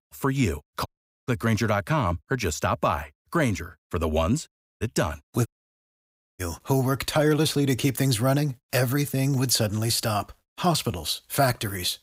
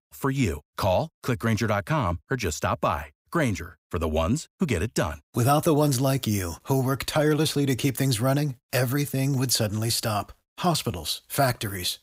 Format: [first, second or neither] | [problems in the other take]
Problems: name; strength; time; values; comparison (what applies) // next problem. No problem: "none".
second | audio cutting out; at 1 s, at 4.5 s and at 5.5 s for 1 s